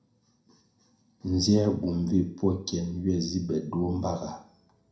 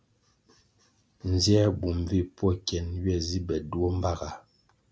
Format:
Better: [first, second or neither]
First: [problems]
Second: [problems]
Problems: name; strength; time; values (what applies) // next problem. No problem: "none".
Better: second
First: room echo; dies away in 0.4 s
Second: none